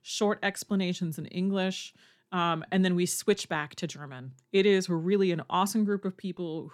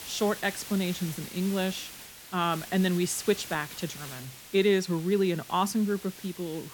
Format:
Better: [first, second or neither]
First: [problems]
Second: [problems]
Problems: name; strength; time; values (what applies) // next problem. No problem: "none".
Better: first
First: none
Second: hiss; noticeable; throughout; 15 dB below the speech